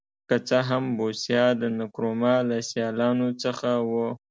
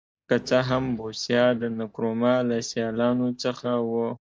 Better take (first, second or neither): first